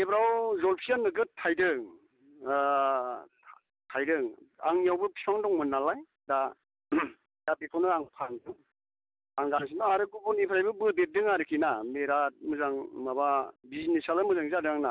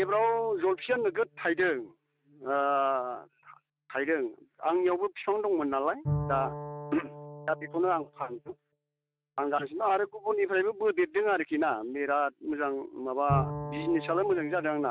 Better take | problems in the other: first | noise reduction (neural mask model RNNoise)

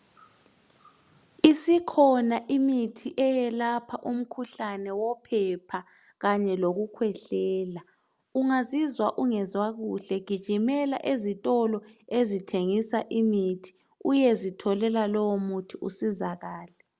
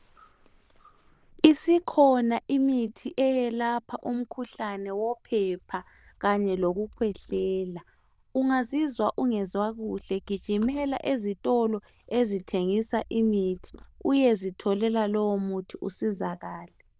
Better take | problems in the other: first | noise reduction (neural diffusion model UNIVERSE++)

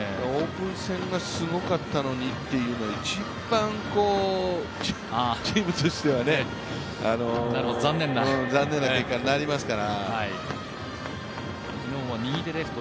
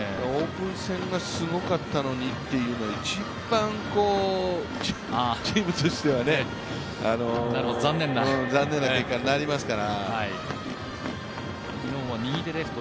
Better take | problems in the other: first | background sound (Animal); 20 dB below the speech

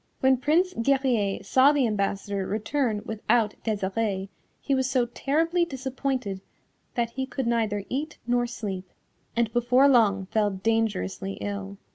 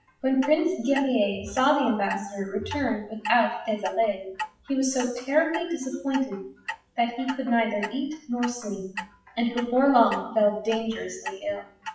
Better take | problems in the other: first | noise reduction (classical method WPE with log-MMSE)

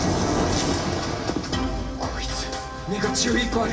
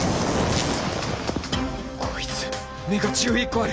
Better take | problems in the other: second | room echo; dies away in 2.6 s

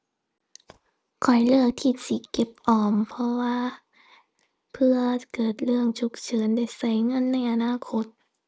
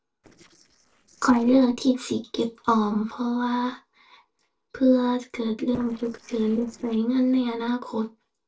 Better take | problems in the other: first | noise reduction (neural separator model SepFormer DNS4)

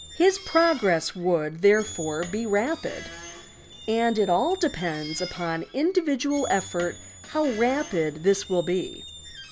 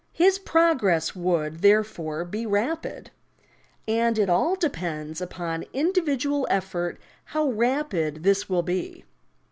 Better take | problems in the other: second | background sound (Squeak); 16 dB below the speech

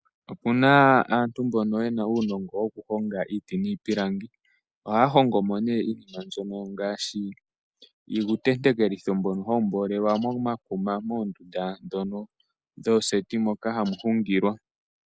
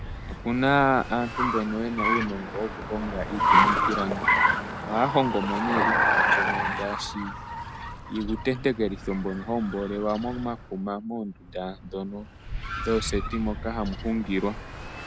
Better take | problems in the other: first | background sound (Car); as loud as the speech

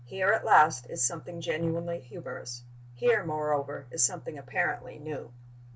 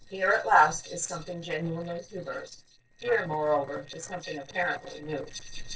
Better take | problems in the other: first | noise reduction (neural separator model SepFormer DNS4)

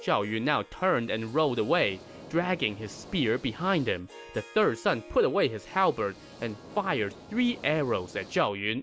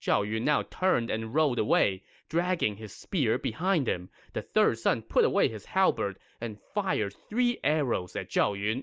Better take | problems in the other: second | background sound (Hiss + Harp); 19 dB below the speech

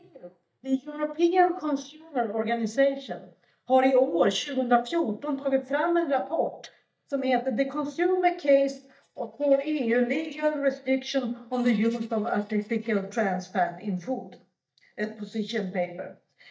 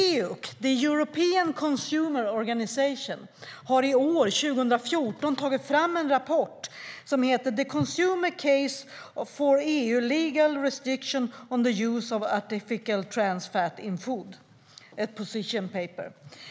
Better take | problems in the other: second | noise reduction (neural mask model DeepFilterNet 3)

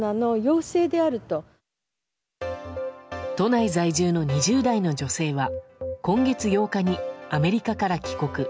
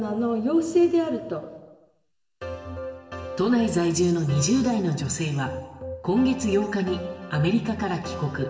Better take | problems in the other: first | room echo; dies away in 1.1 s

